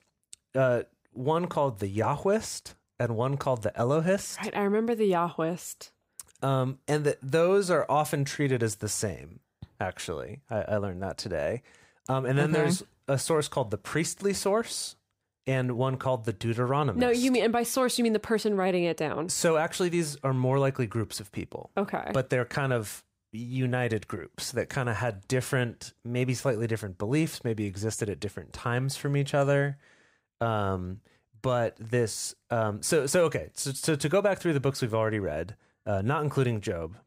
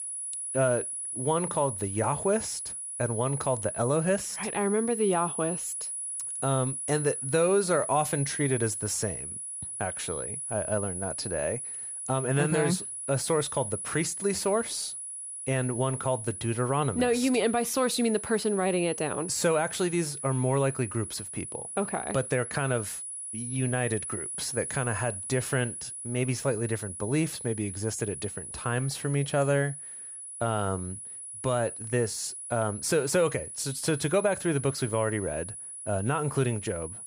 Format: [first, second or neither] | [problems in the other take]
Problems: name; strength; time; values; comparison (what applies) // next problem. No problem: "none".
first | high-pitched whine; loud; throughout; 10 kHz, 6 dB below the speech